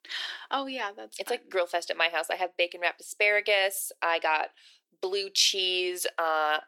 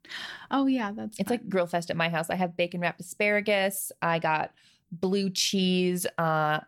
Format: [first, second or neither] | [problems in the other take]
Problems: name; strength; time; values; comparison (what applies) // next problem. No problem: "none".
second | thin; very; fading below 350 Hz